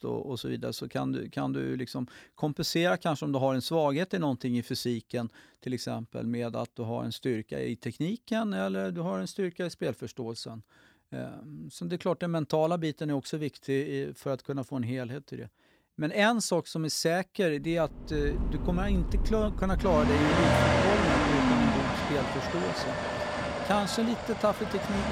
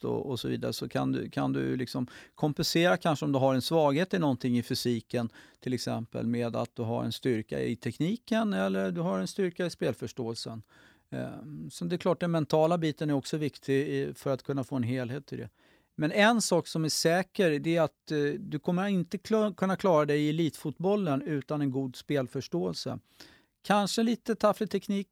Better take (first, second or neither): second